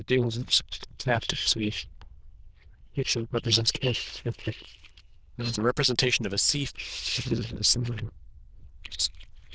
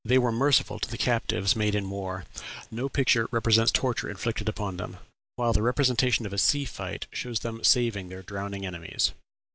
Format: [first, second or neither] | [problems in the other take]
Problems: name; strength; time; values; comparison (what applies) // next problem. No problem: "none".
second | noise reduction (neural diffusion model UNIVERSE++)